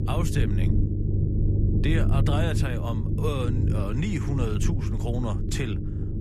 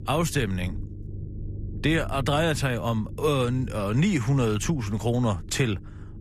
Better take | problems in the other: second | low rumble; loud; throughout; 3 dB below the speech; faint in the second

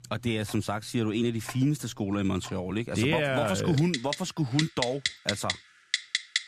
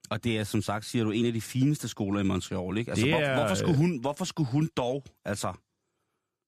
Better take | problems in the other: second | household noises; loud; throughout; 4 dB below the speech

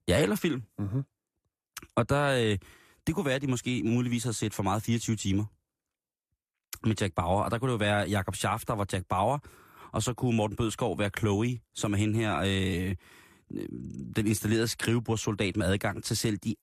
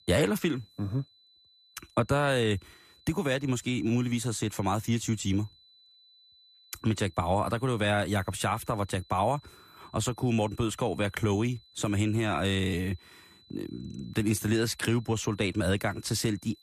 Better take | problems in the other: first | high-pitched whine; faint; throughout; 4 kHz, 30 dB below the speech

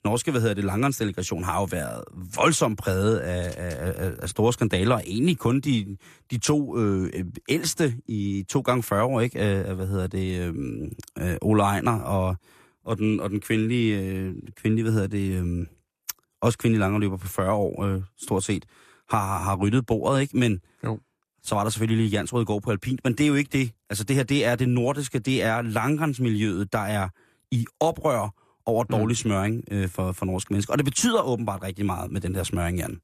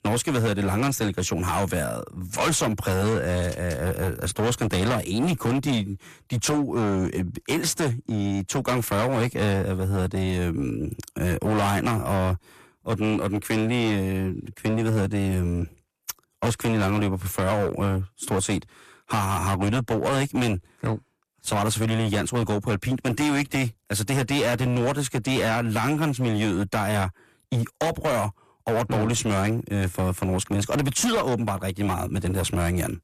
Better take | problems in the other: first | distortion; heavy; 20% of the sound clipped

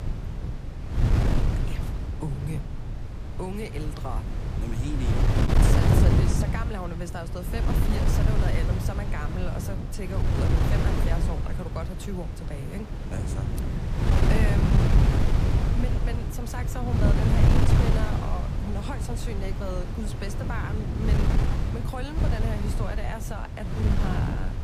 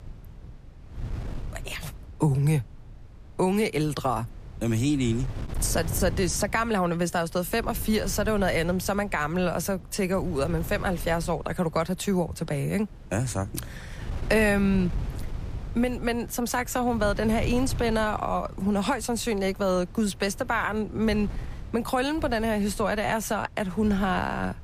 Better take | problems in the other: second | wind noise on the microphone; heavy; 2 dB above the speech; occasional gusts in the second

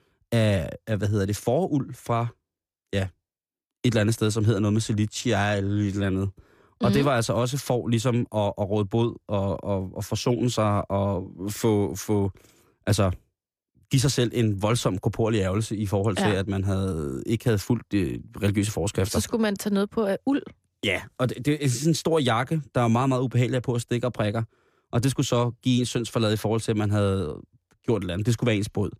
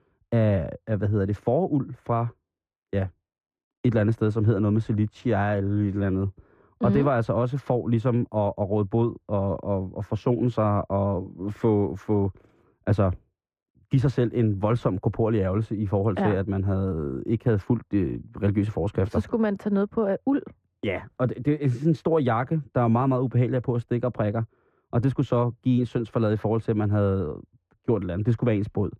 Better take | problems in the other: first | muffled; very; fading above 3 kHz

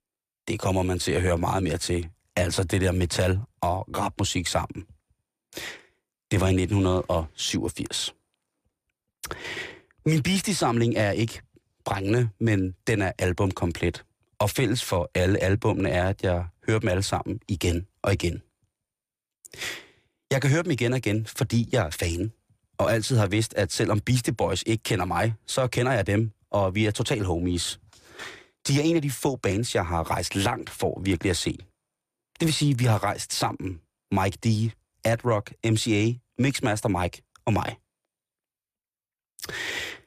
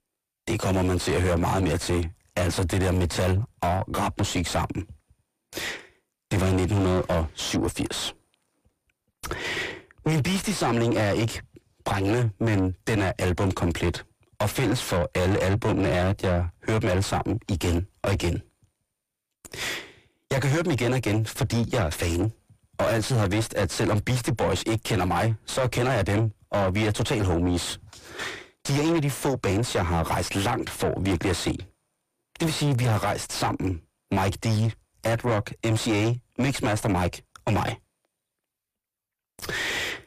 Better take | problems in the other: first | distortion; heavy; 6 dB below the speech

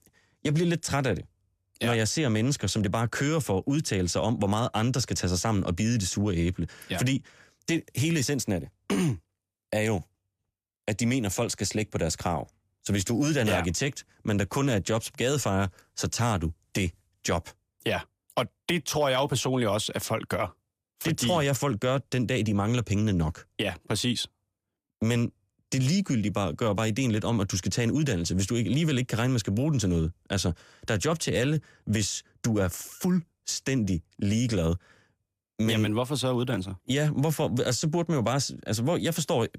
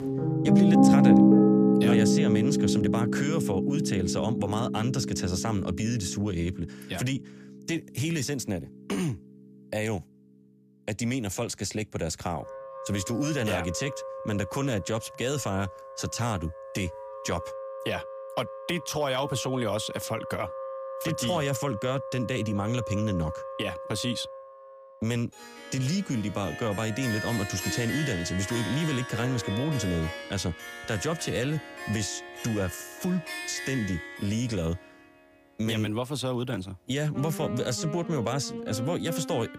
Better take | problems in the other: first | background music; very loud; throughout; 2 dB above the speech

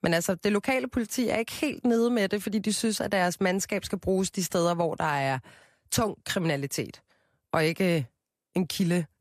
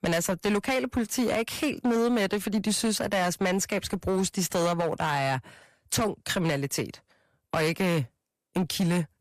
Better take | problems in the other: first | distortion; slight; 12% of the sound clipped

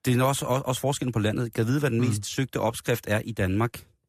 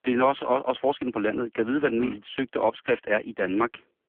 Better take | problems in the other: first | phone-call audio; poor line; nothing above 3.5 kHz

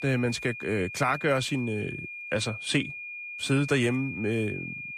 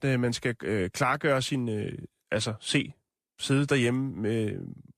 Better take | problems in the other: second | high-pitched whine; loud; throughout; 2.5 kHz, 8 dB below the speech

